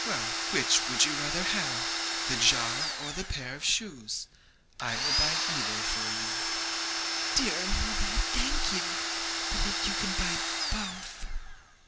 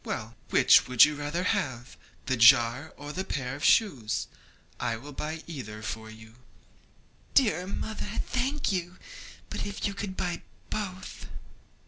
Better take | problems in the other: second | background sound (Domestic sounds, home sounds); 1 dB above the speech

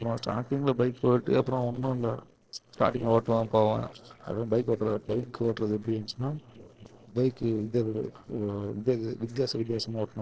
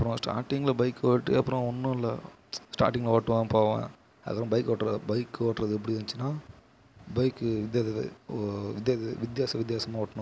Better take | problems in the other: second | noise reduction (neural separator model SepFormer DNS4)

